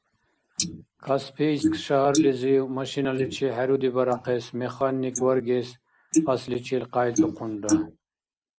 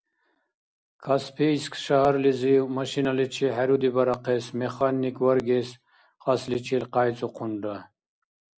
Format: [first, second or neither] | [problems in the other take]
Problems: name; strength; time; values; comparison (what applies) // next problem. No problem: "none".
second | noise reduction (neural mask model Resemble Enhance denoiser)